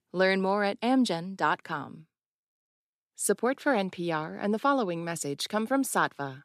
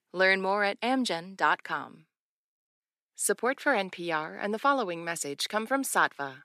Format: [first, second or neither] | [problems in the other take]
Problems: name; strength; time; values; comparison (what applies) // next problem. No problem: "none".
first | thin; very slightly; fading below 900 Hz